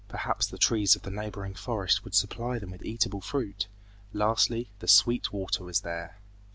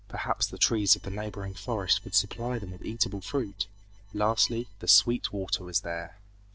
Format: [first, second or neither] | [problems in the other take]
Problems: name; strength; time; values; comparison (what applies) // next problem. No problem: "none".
first | noise reduction (neural separator model SepFormer DNS4)